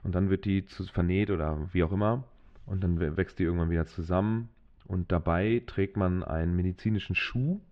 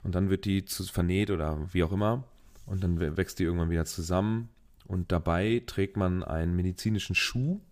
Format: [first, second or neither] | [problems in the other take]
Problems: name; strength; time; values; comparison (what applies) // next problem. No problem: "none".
second | muffled; very; fading above 3 kHz